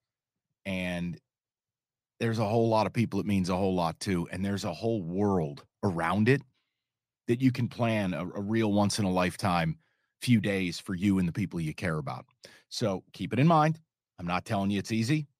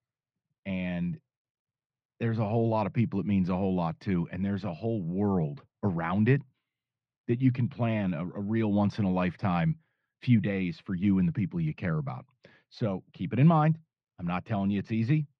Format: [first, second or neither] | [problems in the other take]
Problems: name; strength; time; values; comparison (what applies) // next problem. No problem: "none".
first | muffled; slightly; fading above 3 kHz